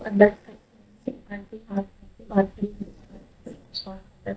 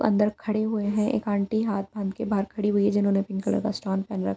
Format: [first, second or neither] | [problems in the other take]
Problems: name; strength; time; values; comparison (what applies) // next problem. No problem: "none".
second | noise reduction (neural mask model DeepFilterNet 3)